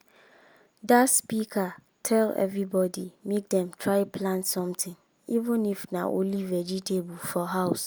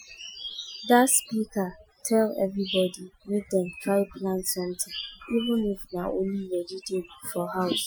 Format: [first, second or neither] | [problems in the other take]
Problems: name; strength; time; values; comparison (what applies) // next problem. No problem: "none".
first | noise reduction (classical method Wiener filter)